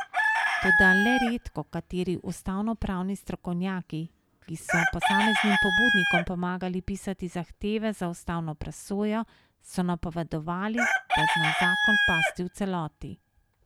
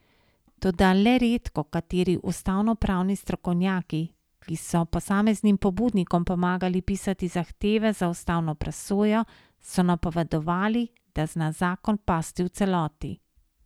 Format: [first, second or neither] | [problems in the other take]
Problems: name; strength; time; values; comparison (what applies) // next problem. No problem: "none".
second | background sound (Chicken, rooster); 1 dB above the speech